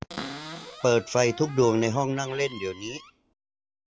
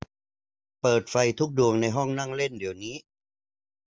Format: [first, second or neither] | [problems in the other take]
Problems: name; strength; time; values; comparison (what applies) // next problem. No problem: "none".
second | background sound (Cupboard open or close); 15 dB below the speech